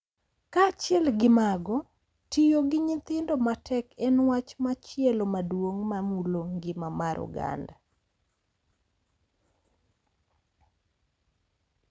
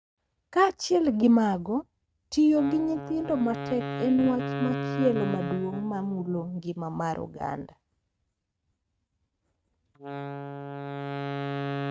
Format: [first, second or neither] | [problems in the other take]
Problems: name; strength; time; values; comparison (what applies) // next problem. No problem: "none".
first | noise reduction (neural mask model RNNoise)